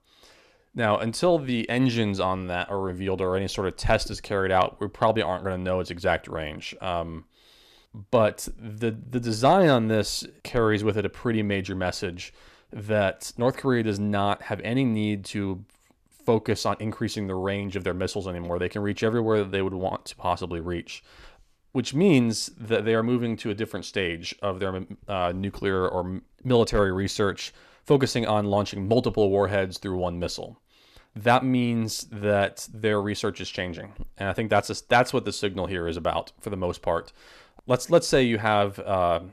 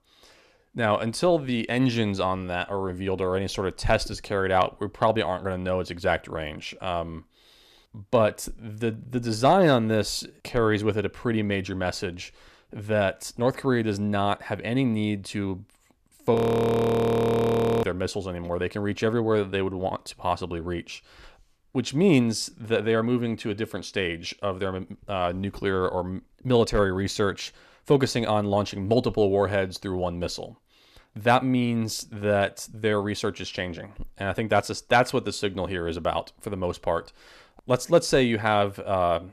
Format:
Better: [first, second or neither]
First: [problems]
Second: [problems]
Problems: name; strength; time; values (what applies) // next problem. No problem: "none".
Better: first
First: none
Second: audio freezing; at 16 s for 1.5 s